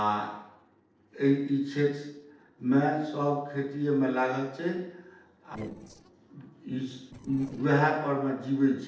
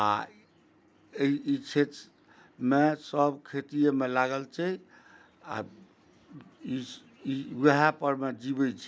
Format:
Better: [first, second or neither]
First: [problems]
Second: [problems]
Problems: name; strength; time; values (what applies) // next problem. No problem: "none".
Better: second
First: noise reduction (neural separator model SepFormer DNS4)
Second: none